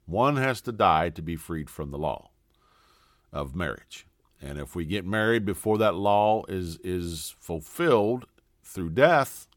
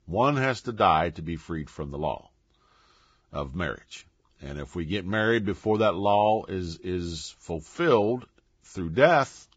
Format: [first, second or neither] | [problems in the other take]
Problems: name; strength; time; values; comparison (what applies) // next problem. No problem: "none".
first | garbled, watery; badly; nothing above 7.5 kHz